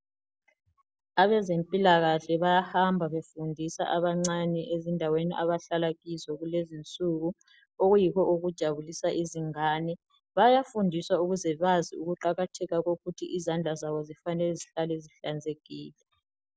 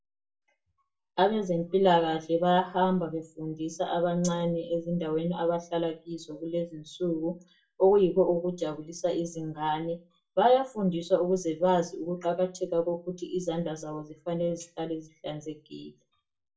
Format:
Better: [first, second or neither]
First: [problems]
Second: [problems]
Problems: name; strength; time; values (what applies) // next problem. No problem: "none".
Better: first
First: none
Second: room echo; dies away in 0.2 s